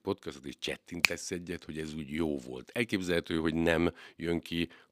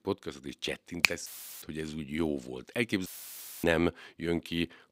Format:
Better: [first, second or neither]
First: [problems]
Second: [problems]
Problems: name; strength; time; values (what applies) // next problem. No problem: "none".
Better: first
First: none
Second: audio cutting out; filled with static; at 1.5 s and at 3 s for 0.5 s